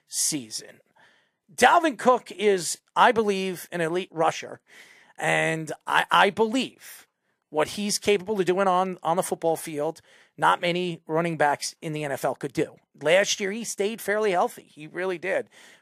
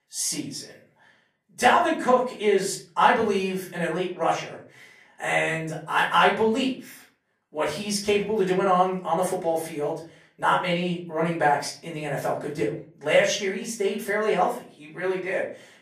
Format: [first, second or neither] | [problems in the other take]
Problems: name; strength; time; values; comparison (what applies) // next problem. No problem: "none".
first | off-mic speech; far // room echo; slight; dies away in 0.4 s